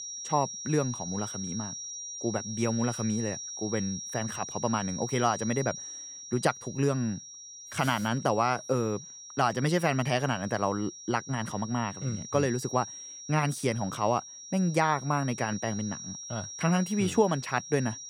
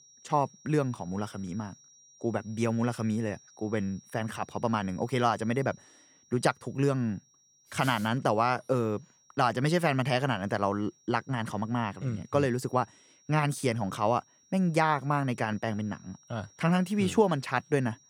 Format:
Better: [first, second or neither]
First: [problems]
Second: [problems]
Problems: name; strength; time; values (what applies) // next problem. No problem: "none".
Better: second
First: high-pitched whine; loud; throughout; 5.5 kHz, 9 dB below the speech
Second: high-pitched whine; faint; throughout; 5.5 kHz, 30 dB below the speech